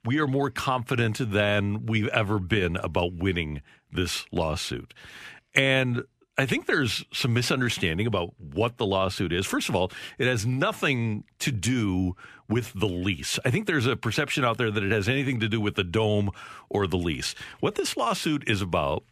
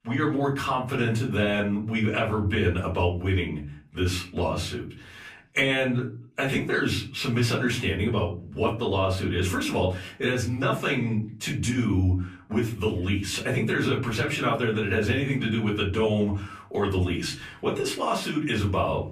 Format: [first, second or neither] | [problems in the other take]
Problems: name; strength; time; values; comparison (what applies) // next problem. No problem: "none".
first | off-mic speech; far // room echo; very slight; dies away in 0.4 s